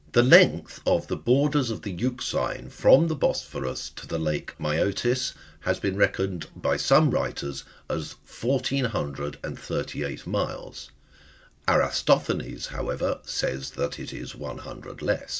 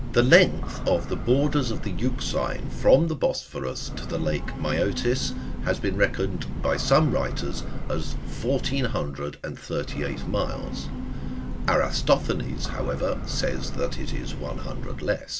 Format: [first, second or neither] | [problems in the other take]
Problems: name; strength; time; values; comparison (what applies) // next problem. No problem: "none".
first | background sound (Train / Breathing); 3 dB below the speech